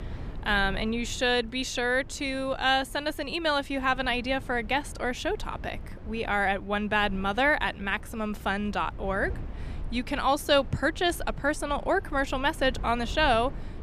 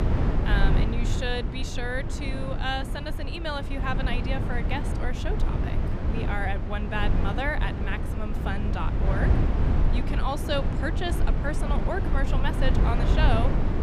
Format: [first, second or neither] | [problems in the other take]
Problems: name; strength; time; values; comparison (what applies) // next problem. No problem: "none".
first | low rumble; loud; throughout; 4 dB below the speech; faint in the first